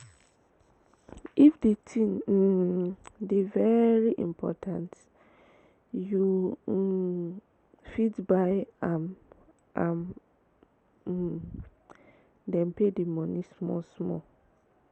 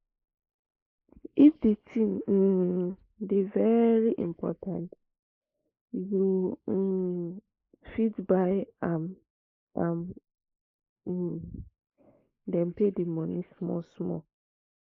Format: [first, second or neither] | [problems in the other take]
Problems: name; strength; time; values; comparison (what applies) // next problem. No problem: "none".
first | noise reduction (neural mask model Resemble Enhance denoiser)